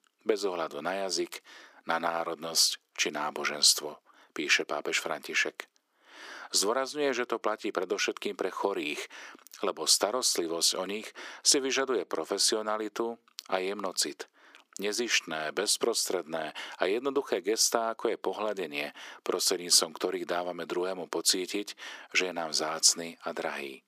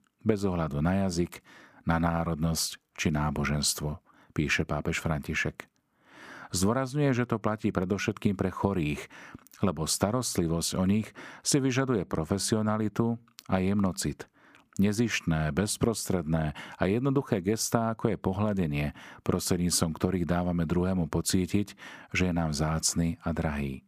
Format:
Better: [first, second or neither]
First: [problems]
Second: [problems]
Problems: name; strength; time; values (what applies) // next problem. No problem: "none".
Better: second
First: thin; very; fading below 350 Hz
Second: none